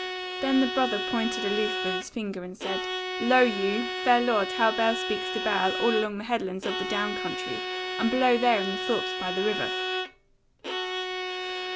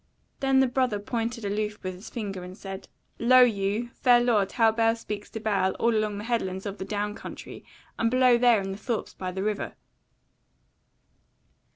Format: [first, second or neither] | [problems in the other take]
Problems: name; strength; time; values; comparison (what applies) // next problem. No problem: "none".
second | background sound (Bowed string instrument); 4 dB below the speech